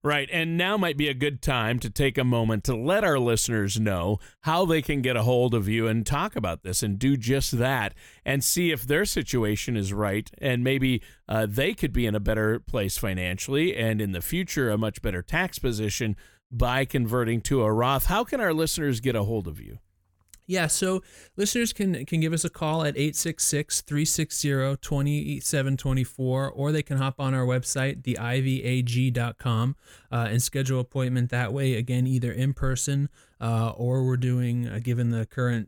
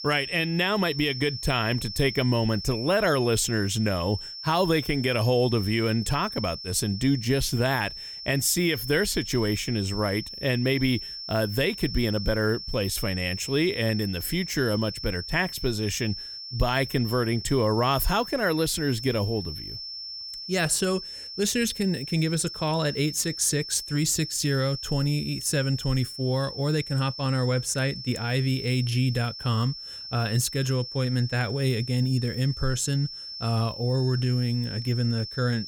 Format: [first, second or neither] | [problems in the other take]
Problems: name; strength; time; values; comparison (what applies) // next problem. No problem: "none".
first | high-pitched whine; loud; throughout; 5.5 kHz, 9 dB below the speech